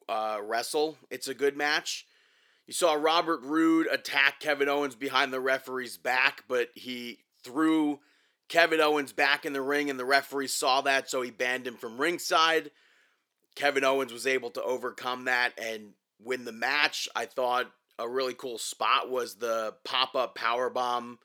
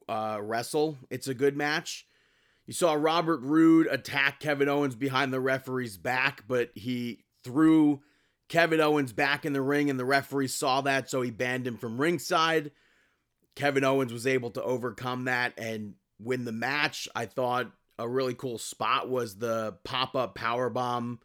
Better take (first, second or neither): second